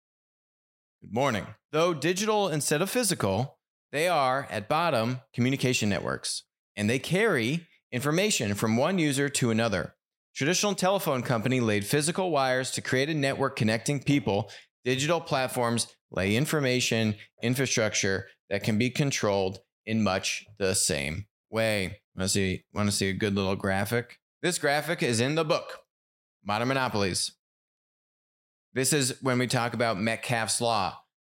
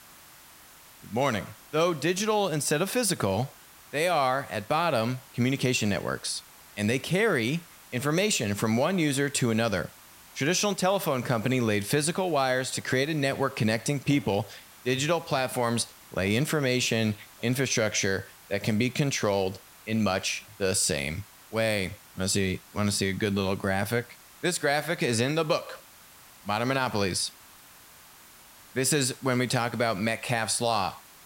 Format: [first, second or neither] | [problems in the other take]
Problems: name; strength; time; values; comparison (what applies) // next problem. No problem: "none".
first | hiss; faint; throughout; 20 dB below the speech